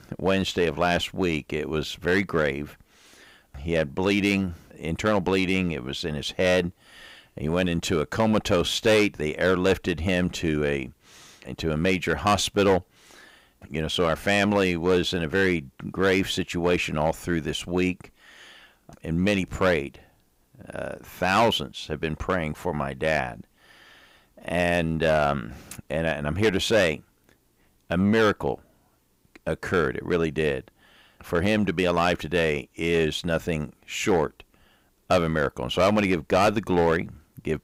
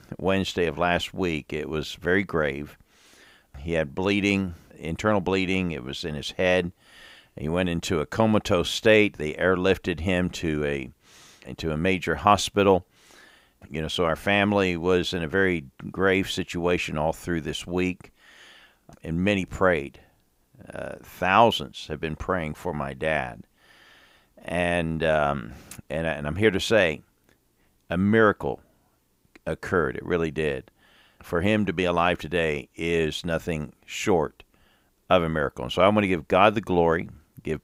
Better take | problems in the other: second | distortion; slight; 4% of the sound clipped

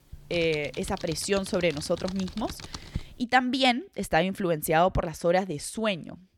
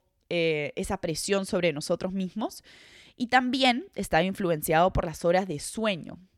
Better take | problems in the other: second | keyboard typing; faint; until 3 s; peak 10 dB below the speech

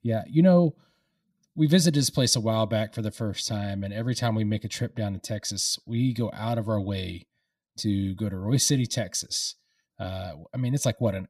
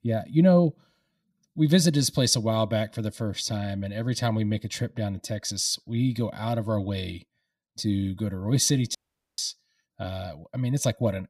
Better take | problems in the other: first | audio cutting out; at 9 s

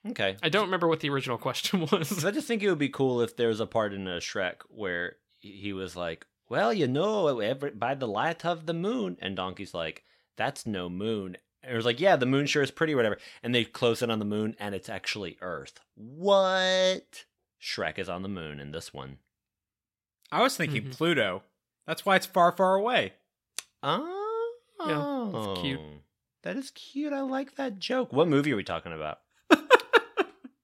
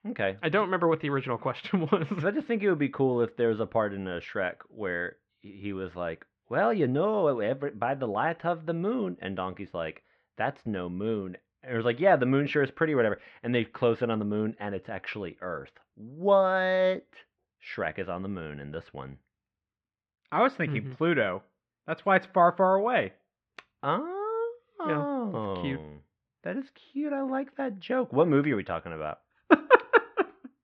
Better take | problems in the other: first | muffled; very; fading above 2 kHz

